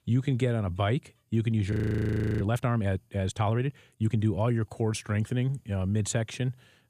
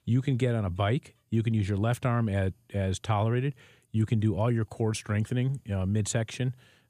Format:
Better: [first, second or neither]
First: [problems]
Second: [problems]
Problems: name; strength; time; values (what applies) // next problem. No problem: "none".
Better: second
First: audio freezing; at 1.5 s for 0.5 s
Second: none